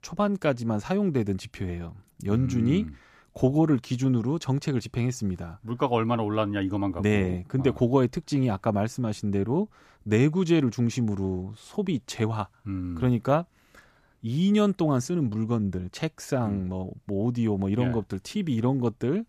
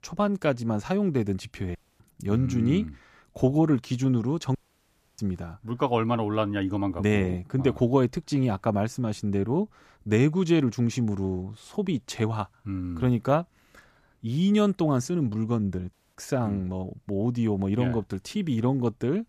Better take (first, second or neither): first